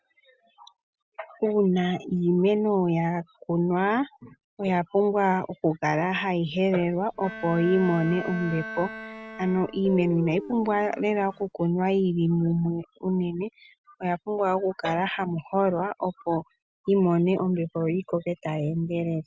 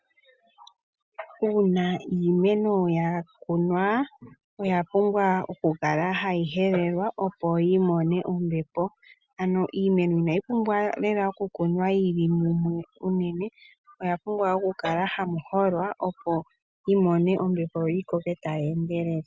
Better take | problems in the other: second | background sound (Bowed string instrument + Guitar); 12 dB below the speech

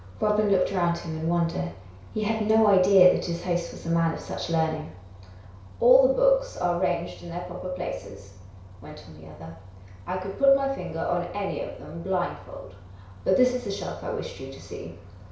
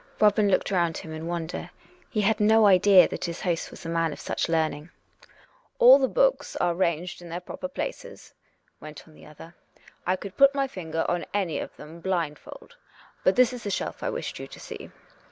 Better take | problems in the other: second | background sound (Bus); 18 dB below the speech // room echo; dies away in 0.6 s

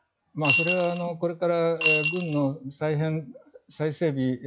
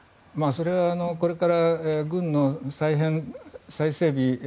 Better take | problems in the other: second | noise reduction (classical method log-MMSE)

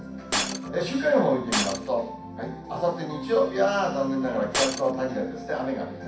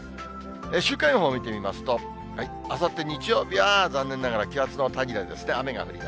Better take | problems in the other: second | background sound (Shatter); 5 dB below the speech // room echo; dies away in 0.6 s

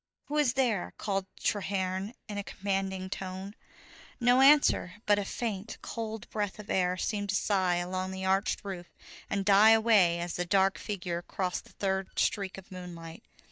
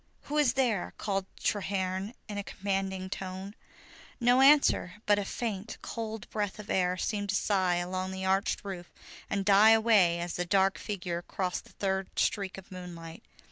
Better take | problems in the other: second | noise reduction (neural mask model DeepFilterNet 3)

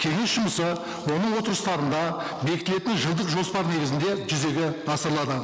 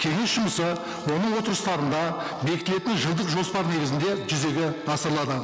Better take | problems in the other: first | background sound (Trumpet); 20 dB below the speech

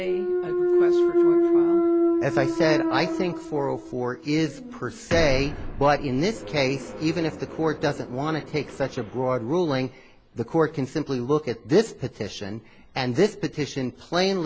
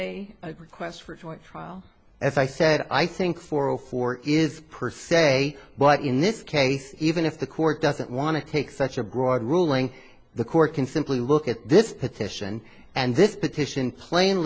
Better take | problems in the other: second | background sound (Thump, thud); 1 dB below the speech

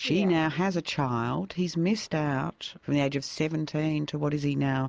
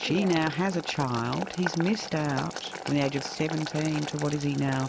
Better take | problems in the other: first | background sound (Boiling); 10 dB below the speech

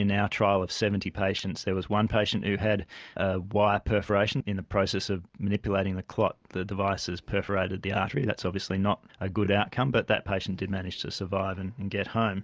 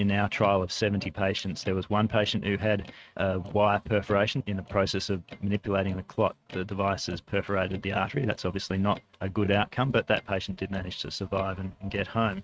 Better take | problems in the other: first | noise reduction (neural mask model RNNoise)

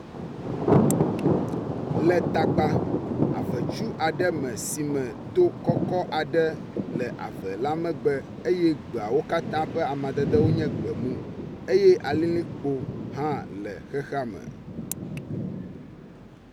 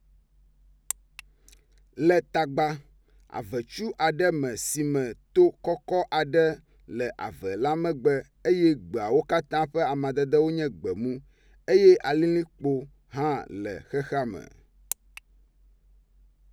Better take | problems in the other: second | background sound (Thunder); 1 dB below the speech

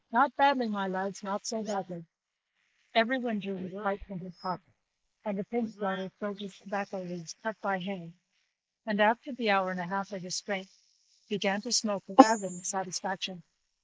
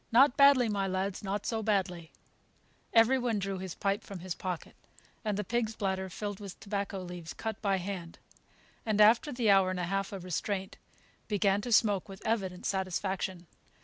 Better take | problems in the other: second | noise reduction (neural mask model Resemble Enhance denoiser)

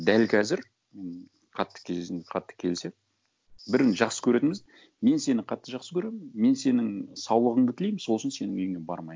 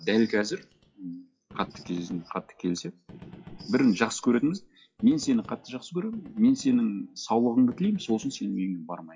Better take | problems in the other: first | noise reduction (classical method WPE with log-MMSE)

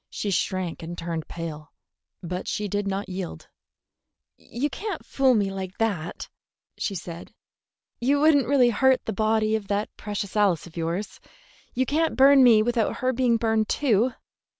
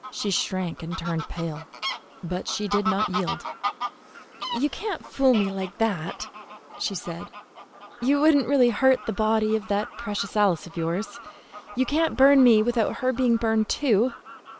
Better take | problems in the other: first | background sound (Fowl); 12 dB below the speech

